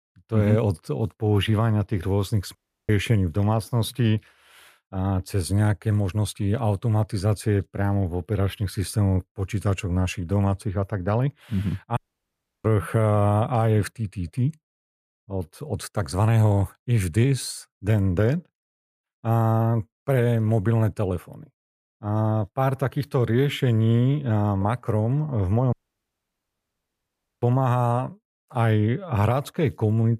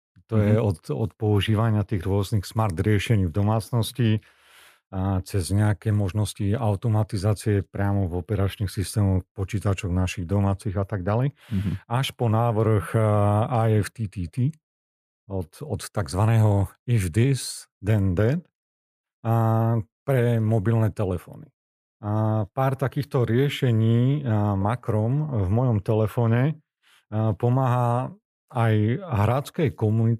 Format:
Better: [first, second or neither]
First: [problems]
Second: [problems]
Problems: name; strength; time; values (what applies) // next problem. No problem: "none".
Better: second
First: audio cutting out; at 2.5 s, at 12 s for 0.5 s and at 26 s for 1.5 s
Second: none